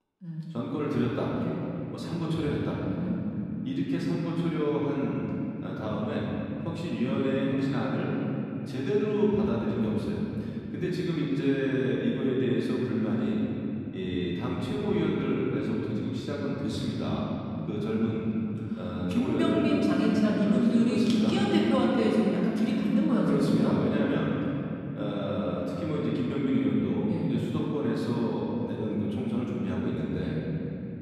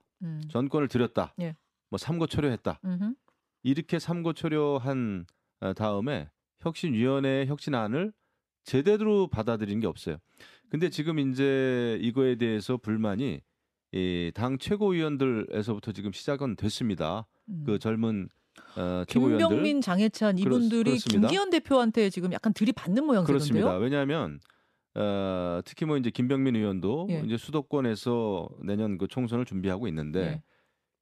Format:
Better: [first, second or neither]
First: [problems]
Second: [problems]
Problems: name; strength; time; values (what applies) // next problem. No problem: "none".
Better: second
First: off-mic speech; far // room echo; strong; dies away in 3 s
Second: none